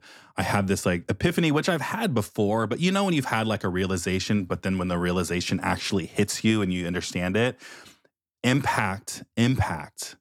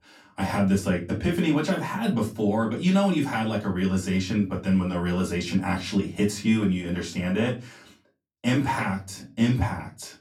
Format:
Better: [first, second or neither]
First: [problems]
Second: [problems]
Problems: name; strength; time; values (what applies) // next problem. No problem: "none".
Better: first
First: none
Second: off-mic speech; far // room echo; very slight; dies away in 0.3 s